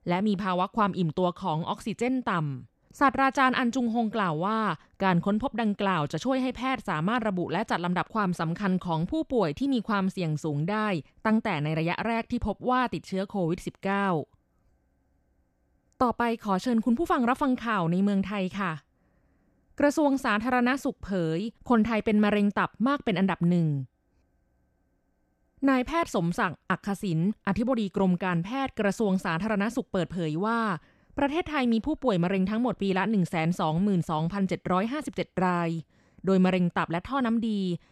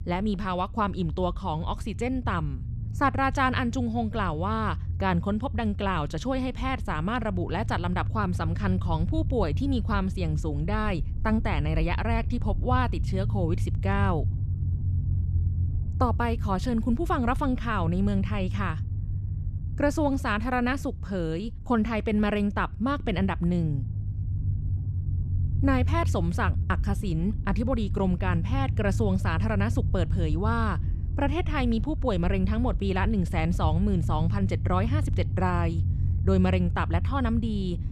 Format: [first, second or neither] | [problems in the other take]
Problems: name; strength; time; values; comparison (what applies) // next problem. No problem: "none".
first | low rumble; noticeable; throughout; 15 dB below the speech